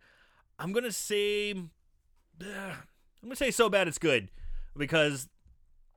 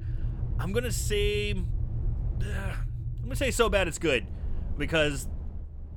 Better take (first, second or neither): first